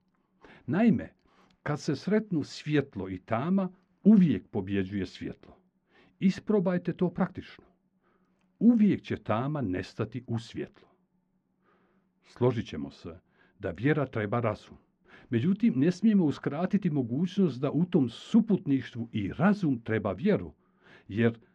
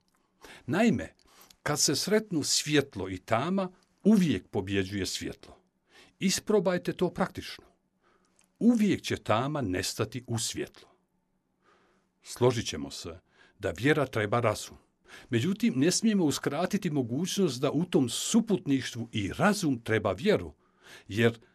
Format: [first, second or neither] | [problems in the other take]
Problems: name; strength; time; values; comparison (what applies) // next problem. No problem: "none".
second | muffled; slightly; fading above 2.5 kHz